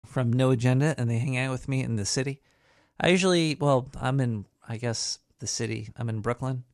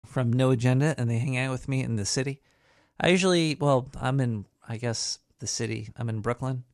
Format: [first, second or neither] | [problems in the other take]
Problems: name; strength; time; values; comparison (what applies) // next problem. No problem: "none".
neither | none